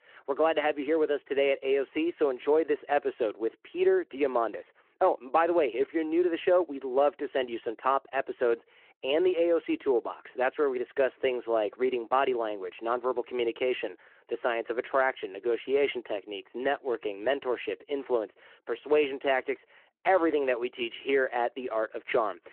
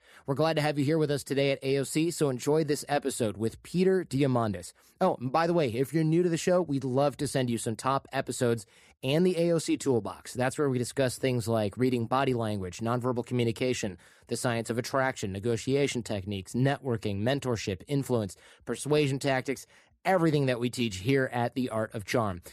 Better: second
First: phone-call audio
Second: none

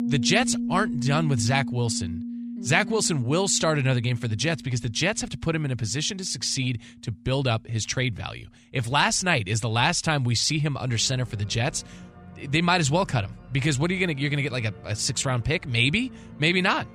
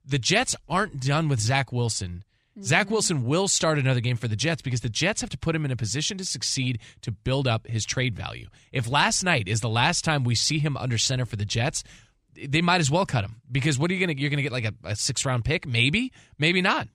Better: second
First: background music; noticeable; throughout; 10 dB below the speech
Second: none

